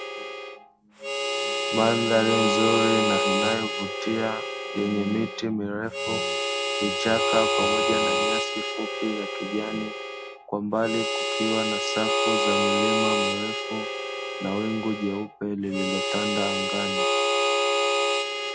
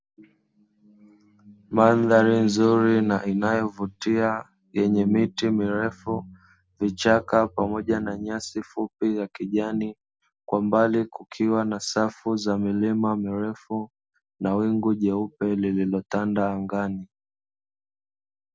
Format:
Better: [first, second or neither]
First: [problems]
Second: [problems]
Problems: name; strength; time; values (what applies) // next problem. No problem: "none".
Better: second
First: background sound (Harmonica); 2 dB above the speech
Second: none